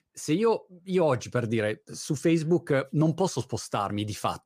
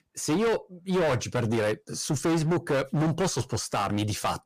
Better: first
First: none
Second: distortion; heavy; 20% of the sound clipped

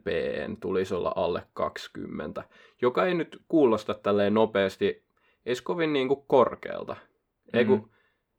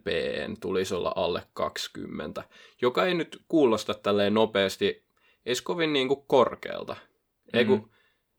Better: second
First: muffled; slightly; fading above 3 kHz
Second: none

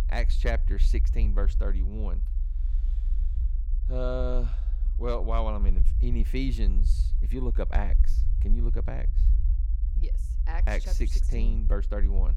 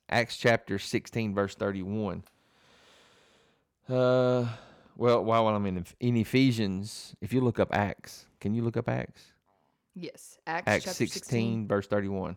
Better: second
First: low rumble; noticeable; throughout; 15 dB below the speech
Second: none

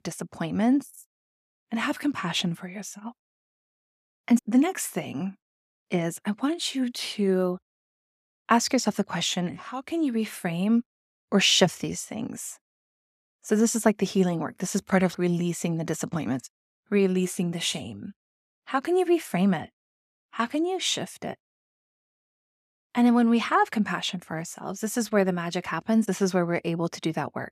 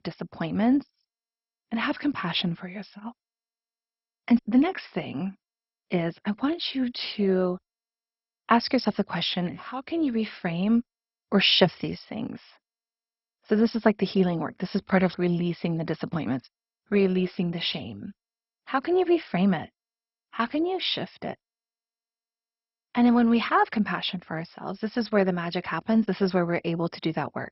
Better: first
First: none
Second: garbled, watery; badly; nothing above 5.5 kHz

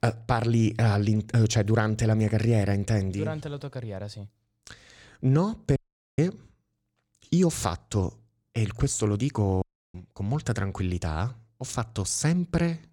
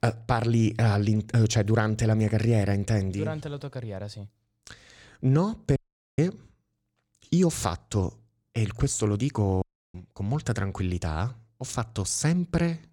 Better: neither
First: audio cutting out; at 6 s and at 9.5 s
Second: audio cutting out; at 6 s and at 9.5 s

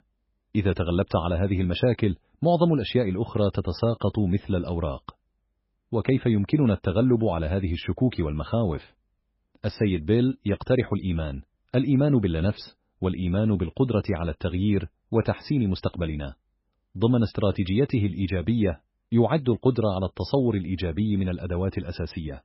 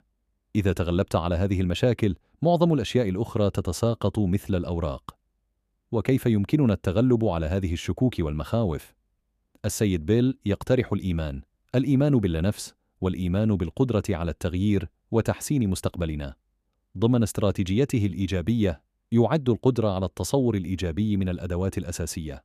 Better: second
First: garbled, watery; badly; nothing above 5.5 kHz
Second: none

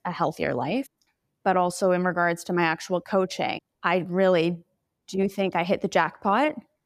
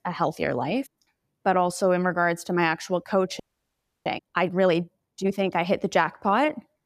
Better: first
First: none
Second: audio freezing; at 3.5 s for 0.5 s

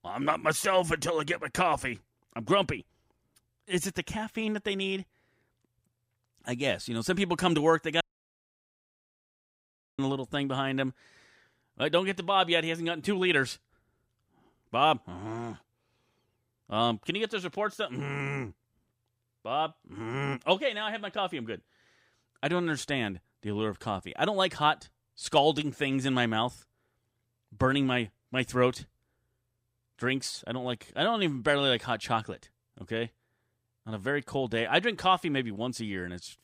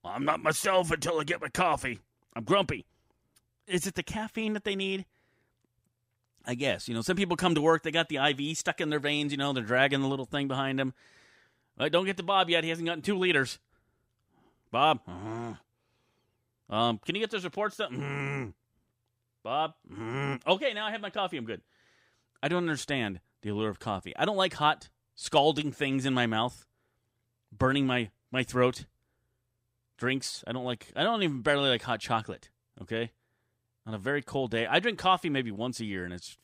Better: second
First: audio cutting out; at 8 s for 2 s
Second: none

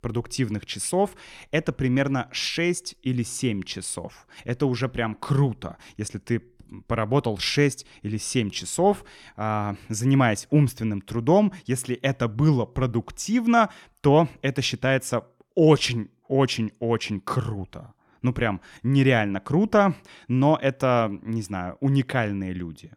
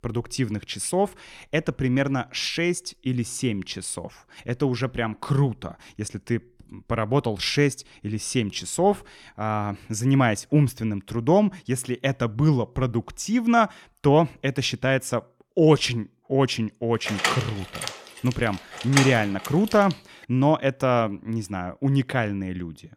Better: first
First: none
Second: door banging; noticeable; from 17 to 20 s; peak level with the speech

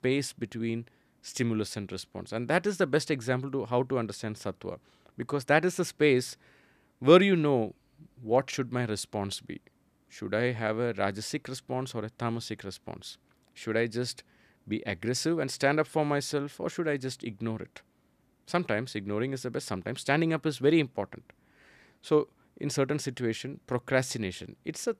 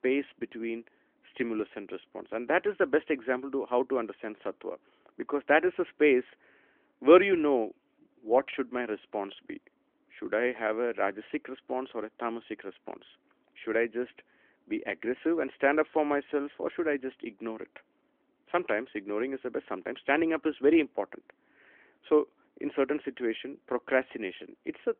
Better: first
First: none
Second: phone-call audio; nothing above 3.5 kHz

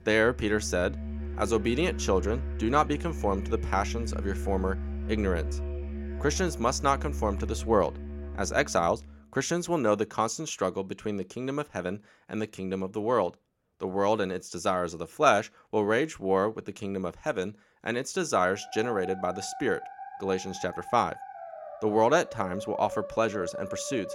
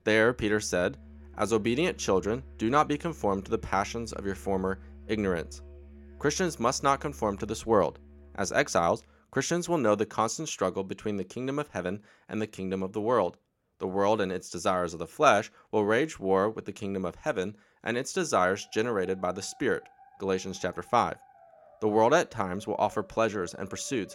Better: second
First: background music; loud; throughout; 8 dB below the speech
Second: background music; faint; throughout; 25 dB below the speech

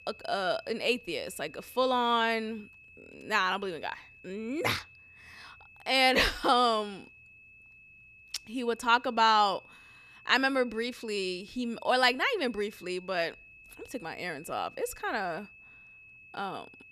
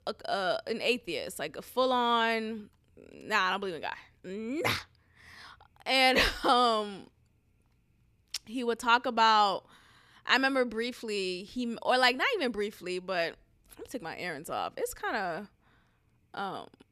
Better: second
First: high-pitched whine; faint; throughout; 2.5 kHz, 25 dB below the speech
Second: none

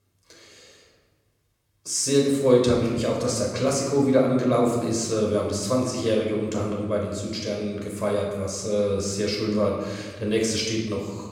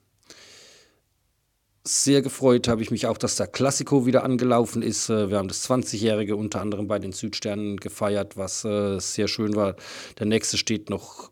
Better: second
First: off-mic speech; somewhat distant // room echo; noticeable; dies away in 1.3 s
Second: none

